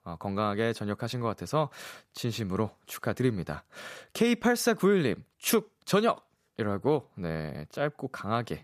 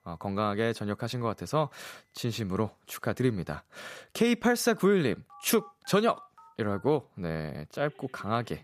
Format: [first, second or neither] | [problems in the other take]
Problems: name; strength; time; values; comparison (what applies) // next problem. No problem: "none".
first | alarms or sirens; faint; throughout; 25 dB below the speech